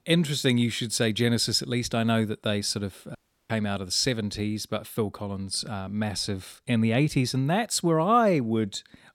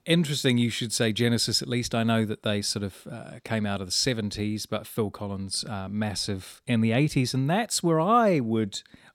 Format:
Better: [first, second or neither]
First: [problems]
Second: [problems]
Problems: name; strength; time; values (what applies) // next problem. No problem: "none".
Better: second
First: audio cutting out; at 3 s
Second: none